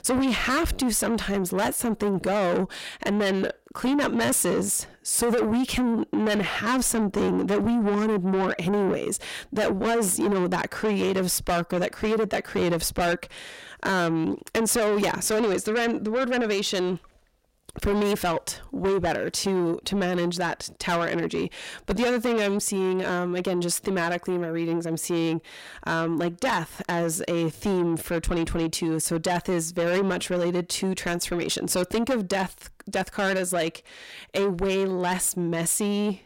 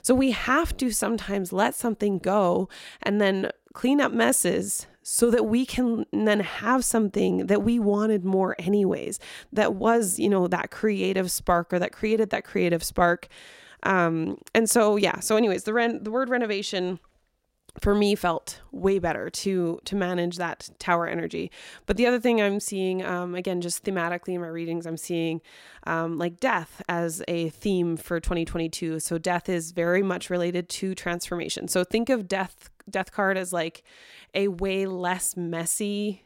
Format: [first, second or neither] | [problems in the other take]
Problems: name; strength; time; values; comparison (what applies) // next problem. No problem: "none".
second | distortion; heavy; 6 dB below the speech